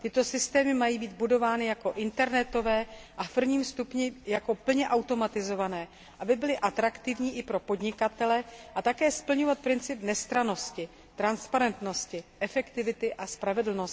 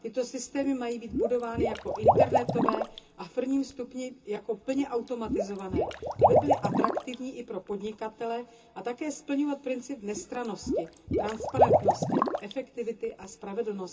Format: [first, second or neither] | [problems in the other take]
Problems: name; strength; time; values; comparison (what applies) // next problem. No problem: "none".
first | background sound (Liquid); 4 dB above the speech // room echo; dies away in 0.2 s